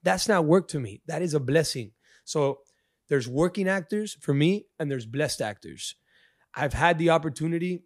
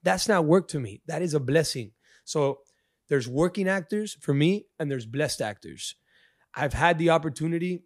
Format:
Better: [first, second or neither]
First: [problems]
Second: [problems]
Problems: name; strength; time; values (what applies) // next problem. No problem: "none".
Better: neither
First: none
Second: none